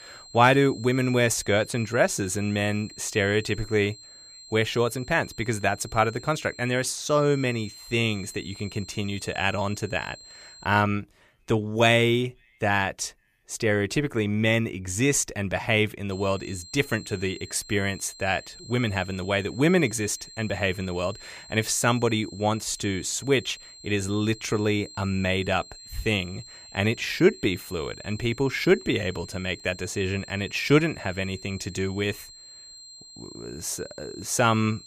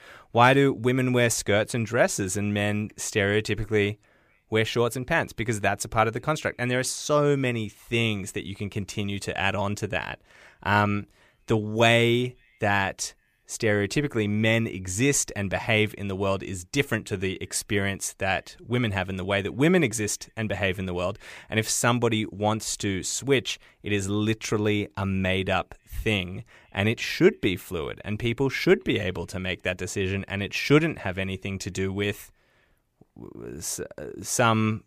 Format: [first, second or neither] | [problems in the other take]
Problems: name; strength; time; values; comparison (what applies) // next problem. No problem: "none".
second | high-pitched whine; noticeable; until 11 s and from 16 s on; 4 kHz, 20 dB below the speech